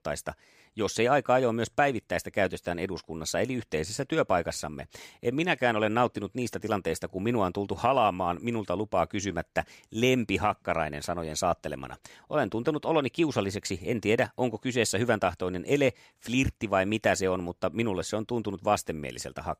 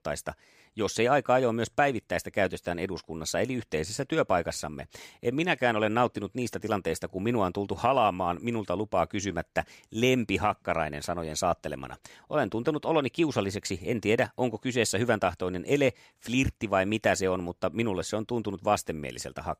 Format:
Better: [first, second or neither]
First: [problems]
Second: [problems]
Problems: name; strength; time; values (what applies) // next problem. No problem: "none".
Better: neither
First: none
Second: none